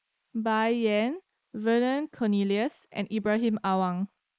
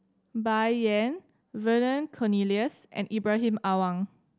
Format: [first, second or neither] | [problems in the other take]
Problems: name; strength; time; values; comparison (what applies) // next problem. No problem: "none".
second | noise reduction (neural mask model Resemble Enhance denoiser)